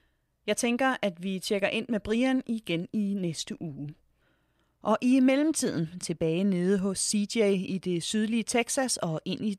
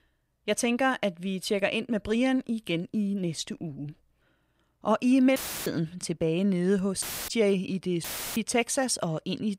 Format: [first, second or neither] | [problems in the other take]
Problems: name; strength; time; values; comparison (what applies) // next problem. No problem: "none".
first | audio cutting out; filled with static; at 5.5 s, at 7 s and at 8 s